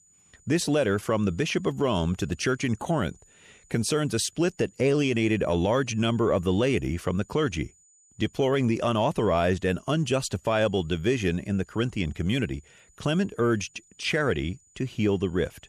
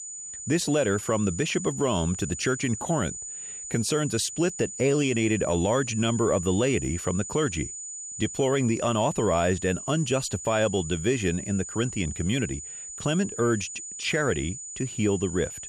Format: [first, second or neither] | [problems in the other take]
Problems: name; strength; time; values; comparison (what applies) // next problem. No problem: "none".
first | high-pitched whine; loud; throughout; 7 kHz, 9 dB below the speech; faint in the first